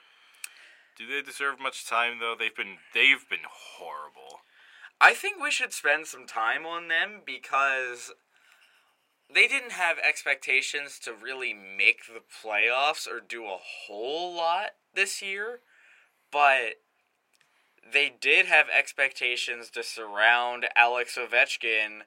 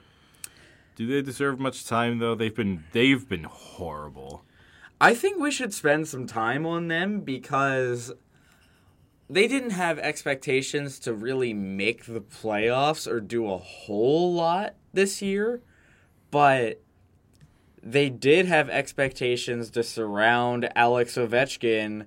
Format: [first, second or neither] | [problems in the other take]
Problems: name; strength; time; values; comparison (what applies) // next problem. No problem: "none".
second | thin; very; fading below 800 Hz